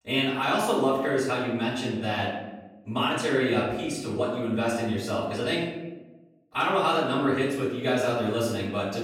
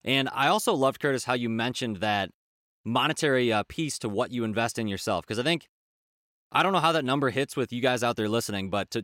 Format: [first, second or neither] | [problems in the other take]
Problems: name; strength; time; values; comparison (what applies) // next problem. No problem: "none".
second | room echo; noticeable; dies away in 1 s // off-mic speech; far